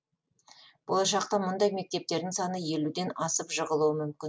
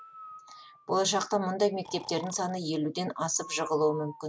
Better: first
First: none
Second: background sound (Breathing); 17 dB below the speech

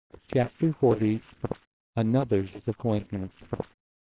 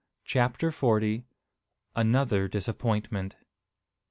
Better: second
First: noise reduction (neural separator model SepFormer WHAMR!)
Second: none

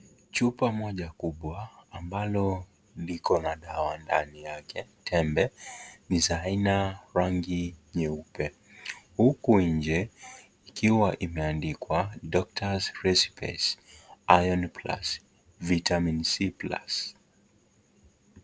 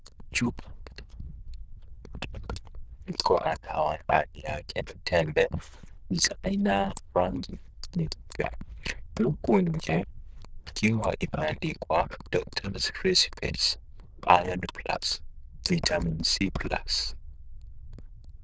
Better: first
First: none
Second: noise reduction (neural diffusion model UNIVERSE++)

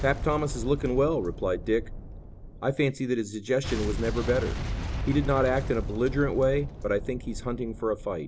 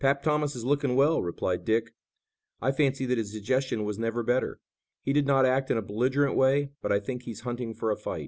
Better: second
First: background sound (Boom); 6 dB below the speech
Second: none

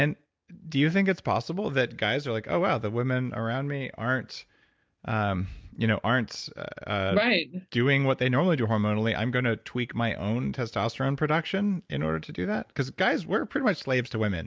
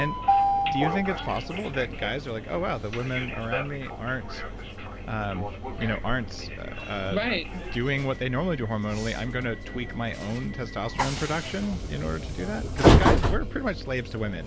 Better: first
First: none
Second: background sound (Train); 2 dB above the speech

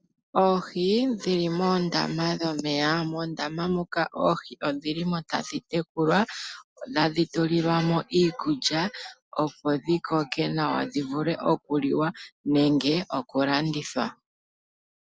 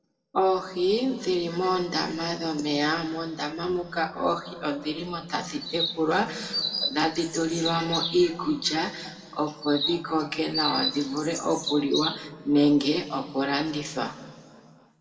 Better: first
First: none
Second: background sound (Chirp, tweet); 6 dB below the speech // room echo; dies away in 2 s

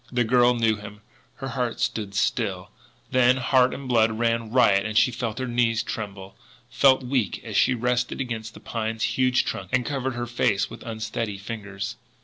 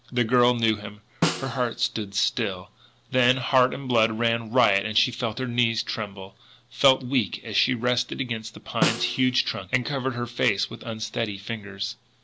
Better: first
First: none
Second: background sound (Snare drum); 7 dB below the speech

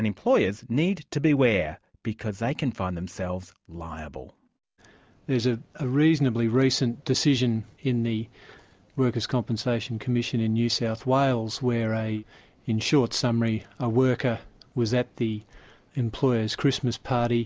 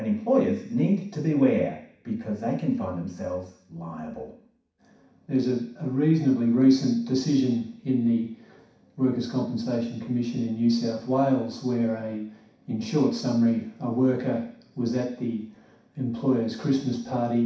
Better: first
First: none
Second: room echo; dies away in 0.6 s

